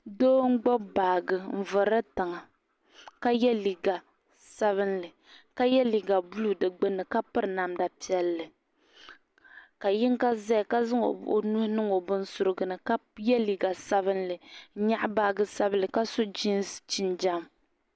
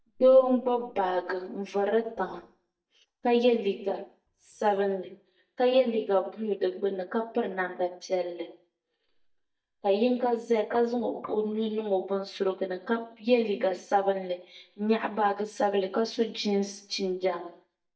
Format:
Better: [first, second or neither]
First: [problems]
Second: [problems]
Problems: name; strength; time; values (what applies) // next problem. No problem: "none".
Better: first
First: none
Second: noise reduction (neural mask model DeepFilterNet 3)